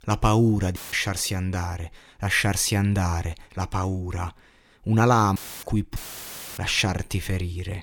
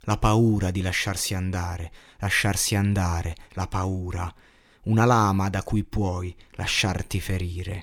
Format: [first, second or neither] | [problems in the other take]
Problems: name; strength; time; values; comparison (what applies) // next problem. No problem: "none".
second | audio cutting out; filled with static; at 1 s, at 5.5 s and at 6 s for 0.5 s